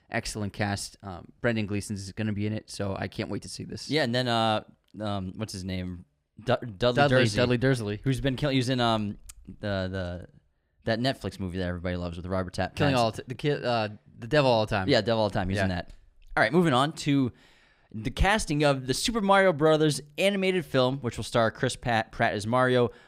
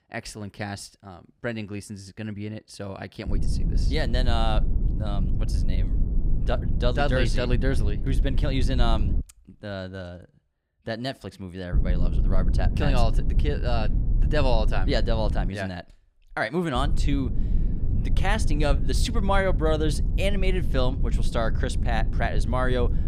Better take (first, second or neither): first